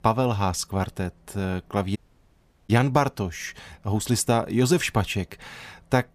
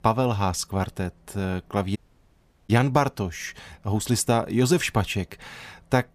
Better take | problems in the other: neither | audio cutting out; at 2 s for 0.5 s; the same in both

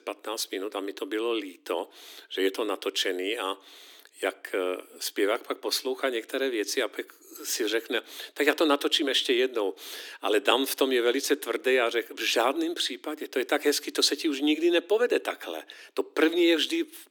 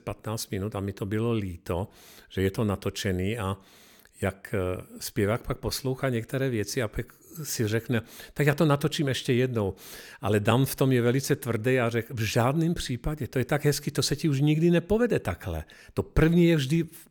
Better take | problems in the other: second | thin; somewhat; fading below 300 Hz

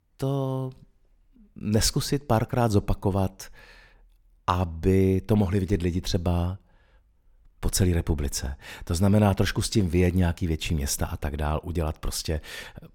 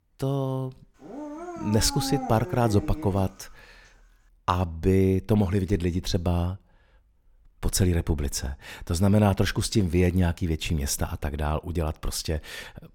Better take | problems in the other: first | dog barking; noticeable; from 1 to 3.5 s; peak 6 dB below the speech

